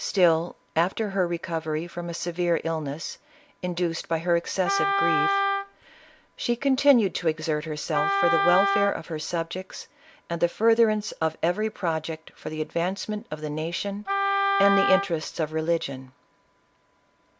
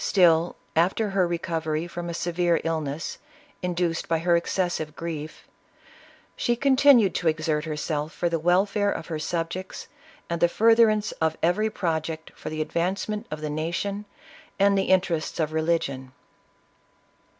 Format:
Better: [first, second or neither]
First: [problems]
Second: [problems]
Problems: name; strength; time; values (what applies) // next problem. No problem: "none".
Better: second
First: background sound (Wind instrument, woodwind instrument); as loud as the speech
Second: none